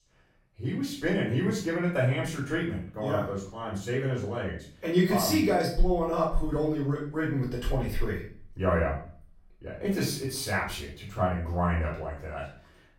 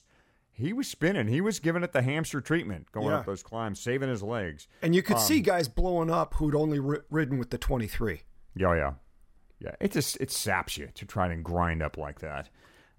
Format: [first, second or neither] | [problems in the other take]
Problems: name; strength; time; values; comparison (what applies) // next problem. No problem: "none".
second | off-mic speech; far // room echo; noticeable; dies away in 0.4 s